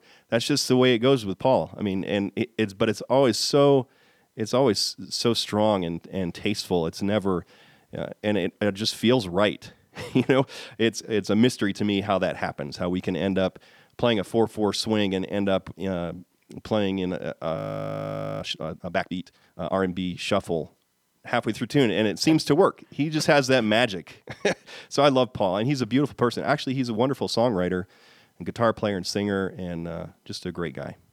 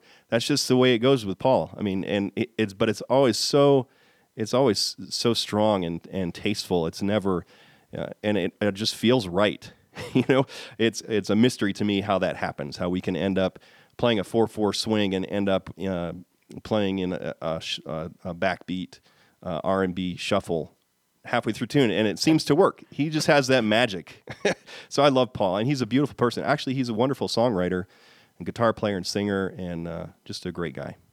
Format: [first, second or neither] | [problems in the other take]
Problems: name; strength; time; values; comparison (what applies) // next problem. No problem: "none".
second | audio freezing; at 18 s for 1 s